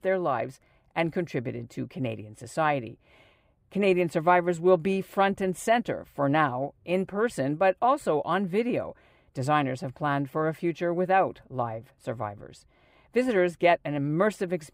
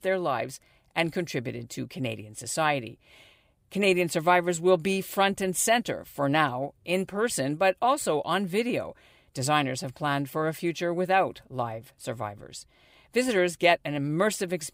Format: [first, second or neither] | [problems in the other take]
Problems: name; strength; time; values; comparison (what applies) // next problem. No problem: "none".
second | muffled; slightly; fading above 2.5 kHz